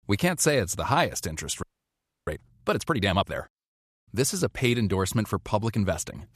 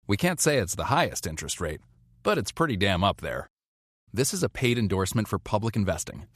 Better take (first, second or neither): second